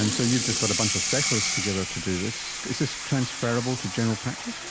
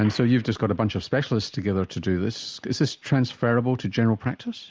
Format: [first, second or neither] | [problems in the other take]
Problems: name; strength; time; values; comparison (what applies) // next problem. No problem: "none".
second | background sound (Sink (filling or washing) / Water tap, faucet); 1 dB below the speech